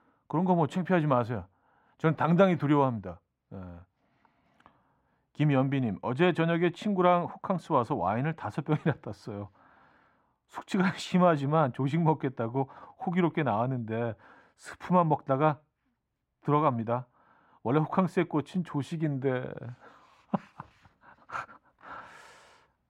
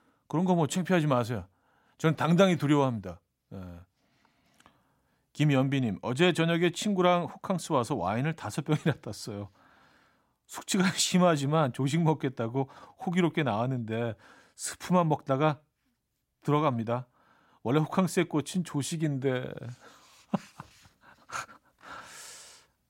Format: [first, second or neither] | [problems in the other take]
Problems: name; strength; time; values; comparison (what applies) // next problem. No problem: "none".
second | muffled; very; fading above 3.5 kHz